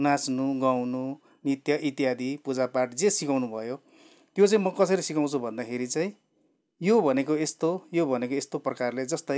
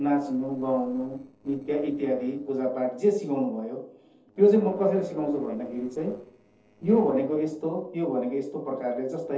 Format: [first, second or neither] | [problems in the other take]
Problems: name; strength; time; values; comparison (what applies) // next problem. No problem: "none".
first | noise reduction (neural separator model SepFormer DNS4)